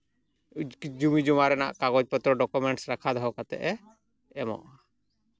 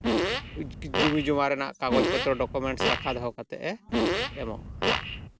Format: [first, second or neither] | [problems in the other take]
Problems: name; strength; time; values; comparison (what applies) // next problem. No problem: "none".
first | background sound (Fart); 2 dB above the speech